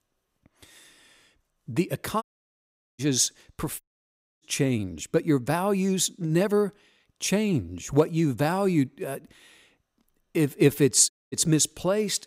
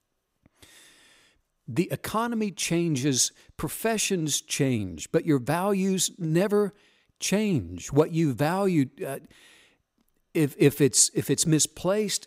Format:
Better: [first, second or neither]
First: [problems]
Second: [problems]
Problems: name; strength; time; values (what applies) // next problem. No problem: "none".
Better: second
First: audio cutting out; at 2 s for 1 s, at 4 s for 0.5 s and at 11 s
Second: none